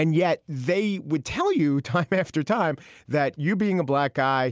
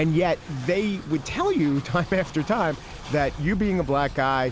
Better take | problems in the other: first | background sound (Train); 14 dB below the speech

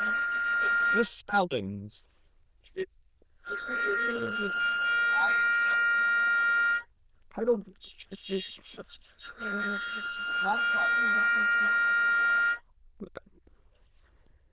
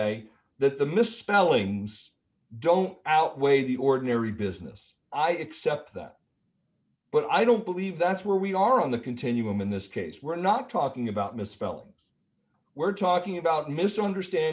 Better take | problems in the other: second | noise reduction (neural diffusion model UNIVERSE++)

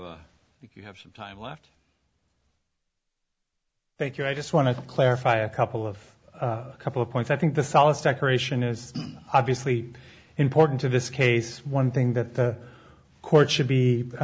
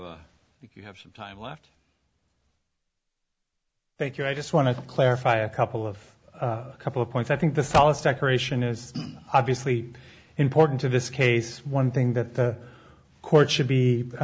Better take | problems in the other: first | background sound (Car); 11 dB below the speech

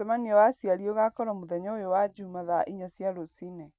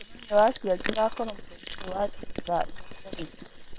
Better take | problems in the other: first | noise reduction (neural separator model SepFormer WHAM!)

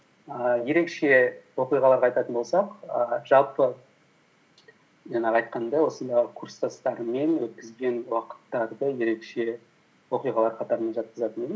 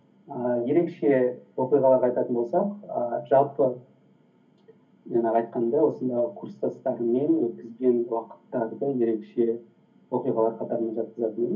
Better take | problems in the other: first | room echo; dies away in 0.3 s

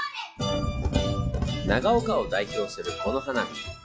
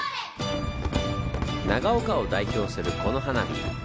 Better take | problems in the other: second | noise reduction (classical method log-MMSE)

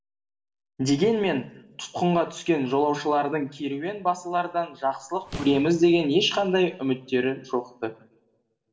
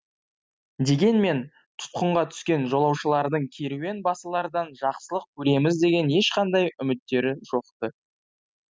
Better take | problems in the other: second | noise reduction (neural separator model SepFormer DNS4)

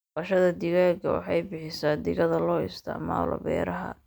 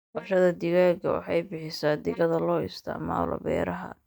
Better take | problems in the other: first | noise reduction (neural mask model DeepFilterNet 3)

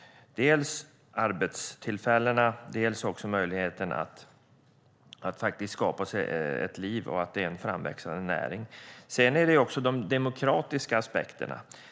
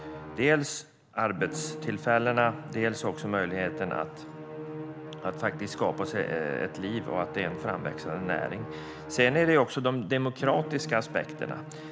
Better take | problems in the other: first | background sound (Musical instrument); 10 dB below the speech

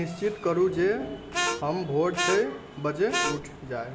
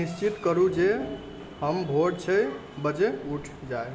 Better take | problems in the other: second | background sound (Harmonica); 3 dB below the speech

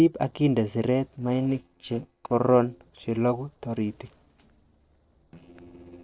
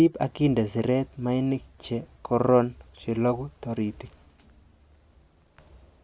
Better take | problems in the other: second | noise reduction (neural separator model SepFormer DNS4)

